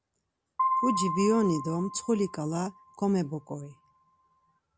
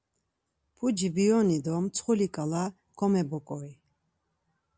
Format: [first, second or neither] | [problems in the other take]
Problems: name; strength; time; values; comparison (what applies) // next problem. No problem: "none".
second | background sound (Piano); 4 dB below the speech